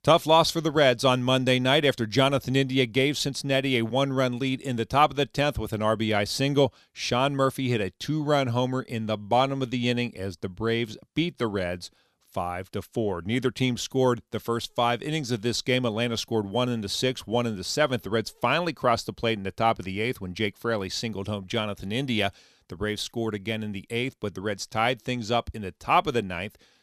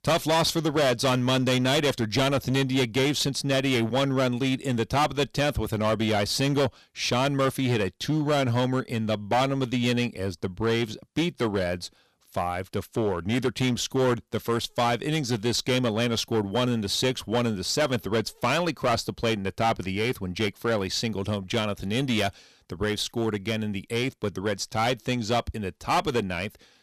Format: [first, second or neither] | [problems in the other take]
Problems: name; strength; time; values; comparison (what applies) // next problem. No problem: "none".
first | distortion; heavy; 10% of the sound clipped